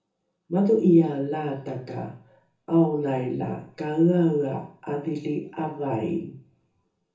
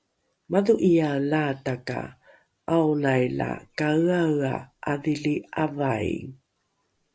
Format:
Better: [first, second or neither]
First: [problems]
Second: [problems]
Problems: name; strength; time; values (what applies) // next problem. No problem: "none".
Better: second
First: room echo; dies away in 0.6 s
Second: none